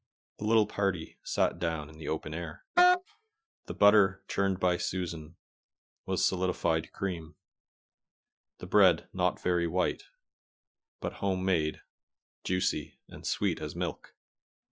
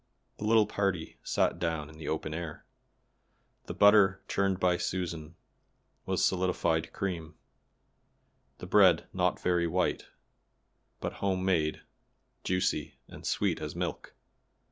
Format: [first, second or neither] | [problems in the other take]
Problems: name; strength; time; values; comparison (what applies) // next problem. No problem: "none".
second | noise reduction (classical method Wiener filter)